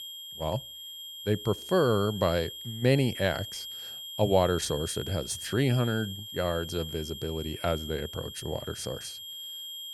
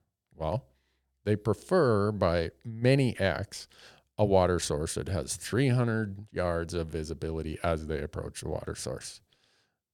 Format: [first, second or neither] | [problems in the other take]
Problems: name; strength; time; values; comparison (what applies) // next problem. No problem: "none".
second | high-pitched whine; loud; throughout; 3 kHz, 9 dB below the speech